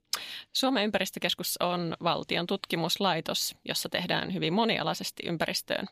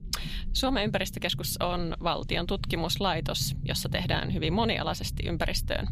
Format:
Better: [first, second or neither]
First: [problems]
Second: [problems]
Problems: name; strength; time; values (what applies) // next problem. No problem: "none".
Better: first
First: none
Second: low rumble; noticeable; throughout; 20 dB below the speech